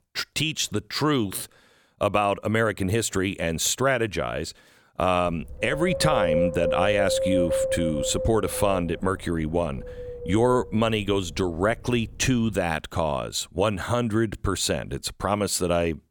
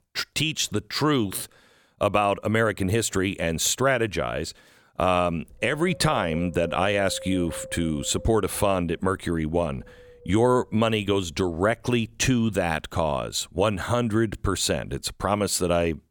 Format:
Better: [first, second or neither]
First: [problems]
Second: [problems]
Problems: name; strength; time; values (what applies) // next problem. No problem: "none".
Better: second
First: wind noise on the microphone; heavy; from 5 to 13 s; 2 dB below the speech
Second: wind noise on the microphone; occasional gusts; from 5 to 13 s; 15 dB below the speech